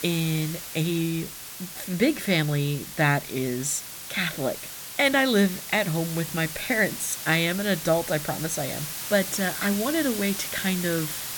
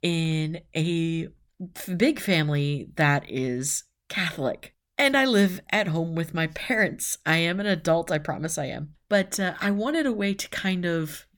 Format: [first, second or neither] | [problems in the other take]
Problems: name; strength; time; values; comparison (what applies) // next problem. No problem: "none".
second | hiss; loud; throughout; 8 dB below the speech